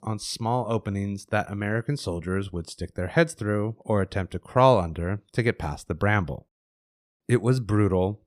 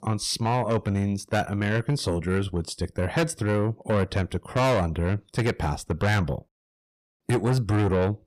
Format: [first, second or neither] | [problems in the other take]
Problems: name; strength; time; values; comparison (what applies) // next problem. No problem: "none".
first | distortion; heavy; 6 dB below the speech